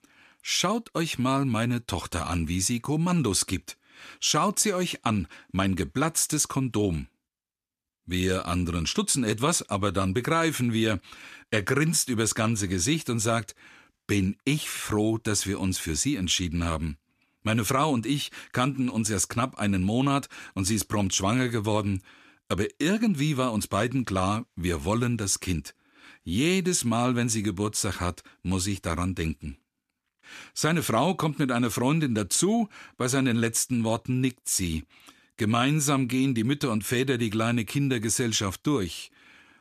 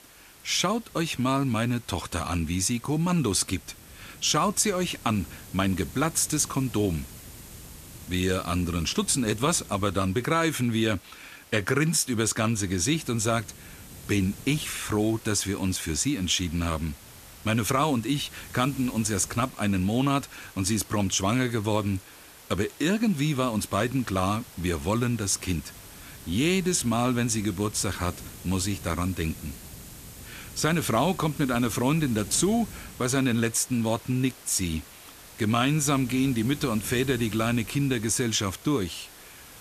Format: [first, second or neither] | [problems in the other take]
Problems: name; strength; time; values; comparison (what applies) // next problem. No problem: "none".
first | hiss; noticeable; throughout; 20 dB below the speech